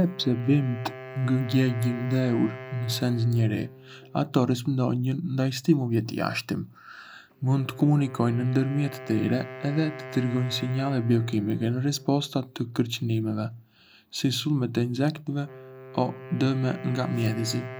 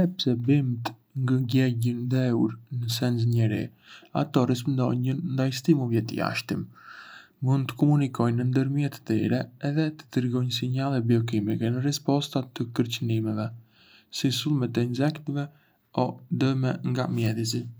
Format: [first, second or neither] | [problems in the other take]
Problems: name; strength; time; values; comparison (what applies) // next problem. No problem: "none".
second | background sound (Wind instrument, woodwind instrument); 16 dB below the speech